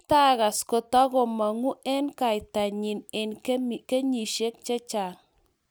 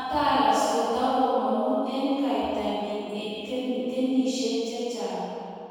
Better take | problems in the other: first | room echo; dies away in 2.1 s

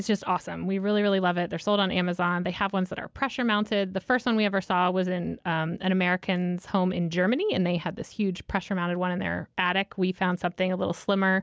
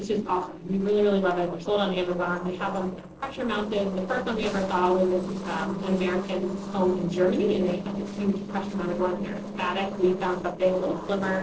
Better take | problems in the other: first | noise reduction (neural separator model SepFormer DNS4)

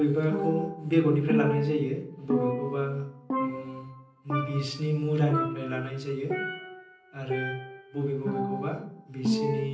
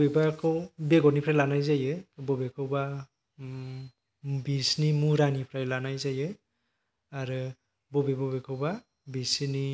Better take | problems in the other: second | background sound (Percussion); 4 dB below the speech // room echo; dies away in 0.6 s

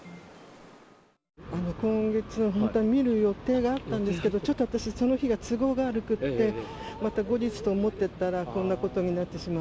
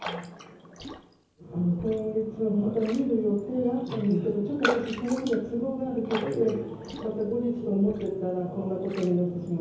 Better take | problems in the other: first | background sound (Raindrop); 12 dB below the speech // room echo; dies away in 0.9 s

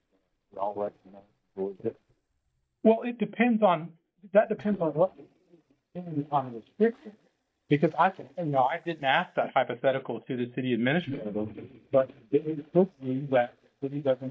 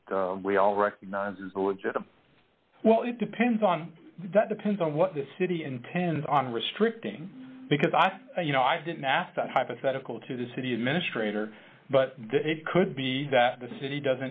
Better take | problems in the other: second | noise reduction (neural mask model DeepFilterNet 3)

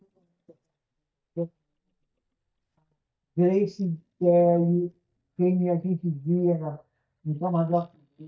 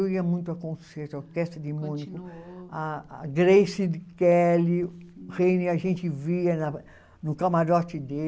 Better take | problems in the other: second | noise reduction (neural mask model DeepFilterNet 3)

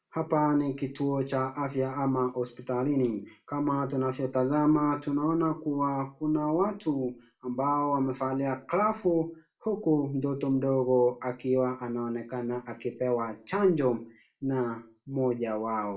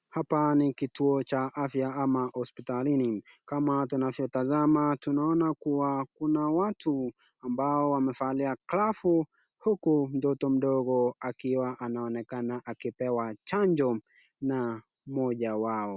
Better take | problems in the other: second | room echo; dies away in 0.3 s

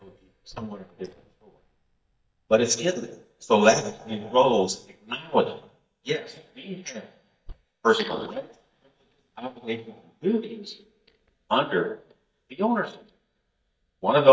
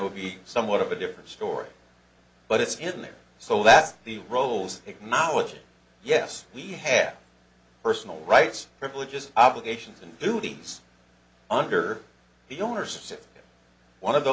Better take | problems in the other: second | noise reduction (neural mask model DeepFilterNet 3)

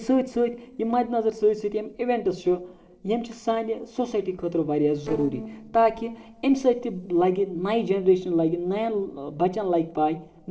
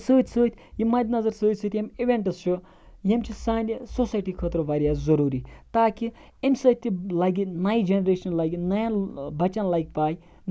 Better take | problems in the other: second | noise reduction (neural separator model SepFormer DNS4)

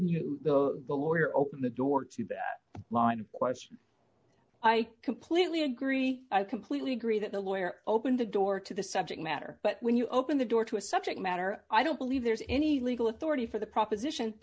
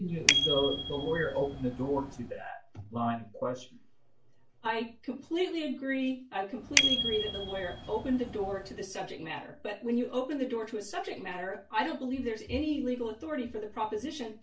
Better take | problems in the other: first | background sound (Bicycle bell); 1 dB above the speech // room echo; dies away in 0.3 s

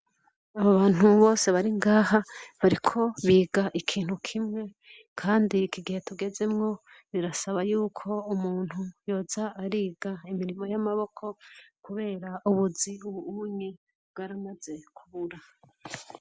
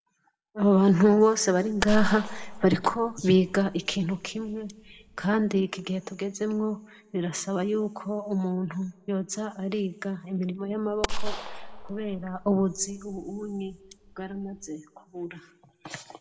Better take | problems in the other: first | background sound (Gunshot, gunfire); 6 dB below the speech // room echo; dies away in 1.9 s

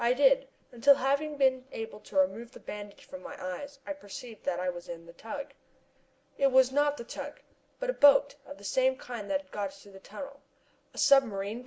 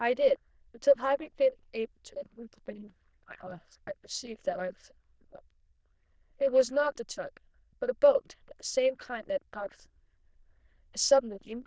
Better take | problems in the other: first | noise reduction (neural diffusion model UNIVERSE++)

